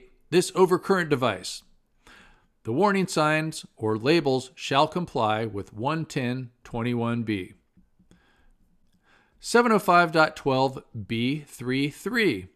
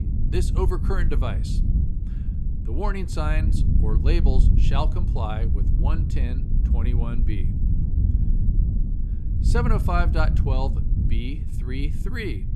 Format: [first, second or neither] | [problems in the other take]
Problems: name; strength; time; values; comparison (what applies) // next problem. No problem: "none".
first | wind noise on the microphone; heavy; 7 dB below the speech